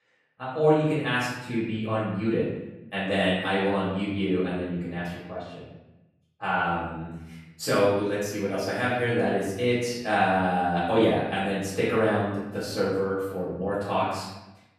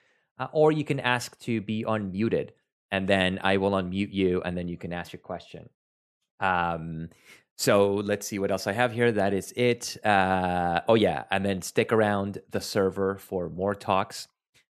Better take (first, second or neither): second